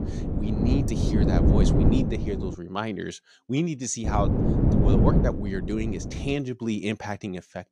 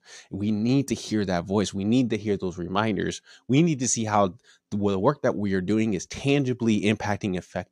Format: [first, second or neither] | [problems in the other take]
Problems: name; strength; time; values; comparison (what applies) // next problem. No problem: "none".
second | wind noise on the microphone; heavy; until 2.5 s and from 4 to 6.5 s; as loud as the speech